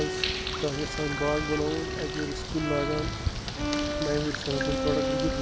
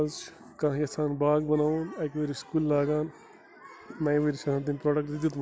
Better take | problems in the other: second | background sound (Bird + Bowed string instrument); 1 dB above the speech

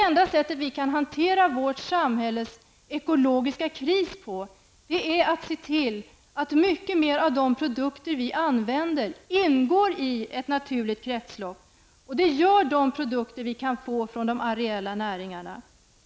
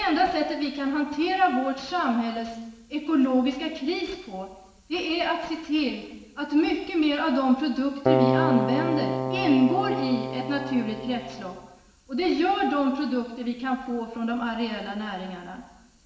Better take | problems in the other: first | background sound (Keyboard (musical)); 1 dB below the speech // room echo; dies away in 1 s

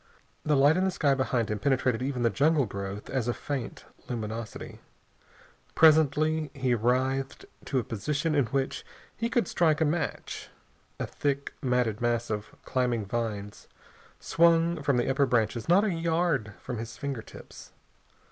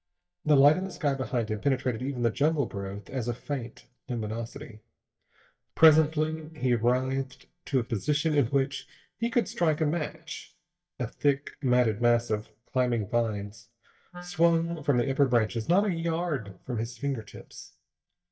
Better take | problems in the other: first | noise reduction (neural mask model DeepFilterNet 3)

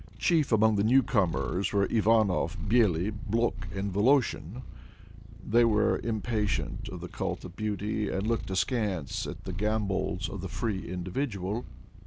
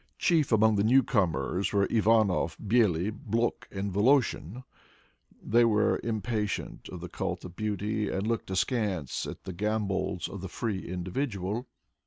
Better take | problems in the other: second | background sound (Purr); 7 dB below the speech

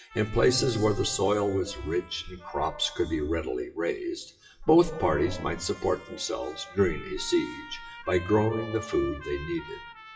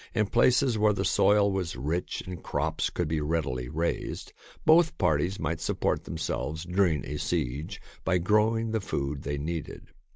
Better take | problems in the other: second | noise reduction (classical method WPE with log-MMSE)

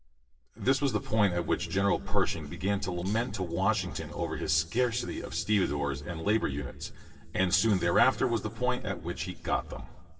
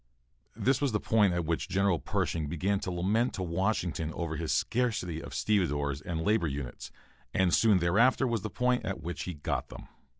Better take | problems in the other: second | noise reduction (neural separator model SepFormer DNS4)

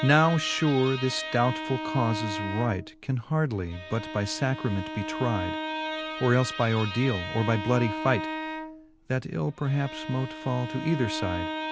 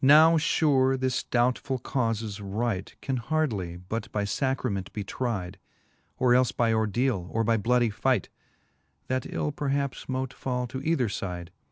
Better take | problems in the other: second | background sound (Bowed string instrument); 8 dB below the speech

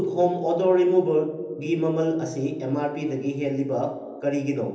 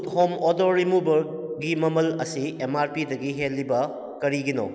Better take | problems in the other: second | room echo; dies away in 0.7 s

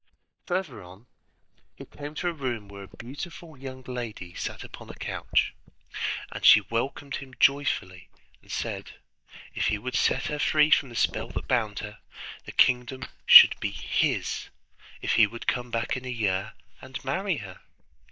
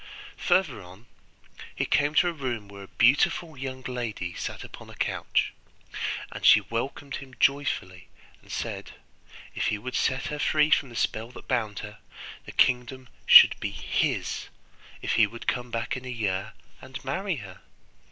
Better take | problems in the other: second | noise reduction (neural mask model DeepFilterNet 3)

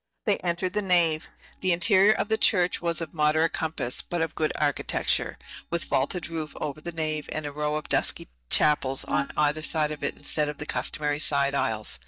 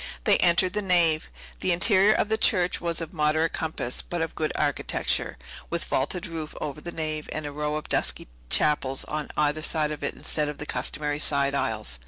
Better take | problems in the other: second | noise reduction (neural mask model DeepFilterNet 3)

